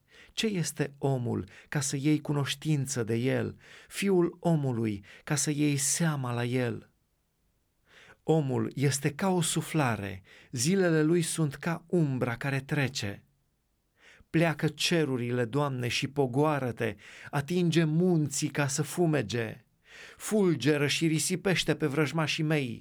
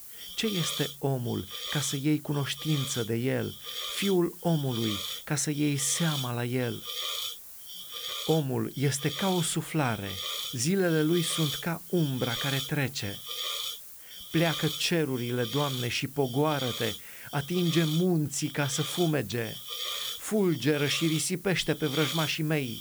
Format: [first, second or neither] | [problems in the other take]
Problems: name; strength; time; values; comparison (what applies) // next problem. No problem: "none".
first | hiss; loud; throughout; 6 dB below the speech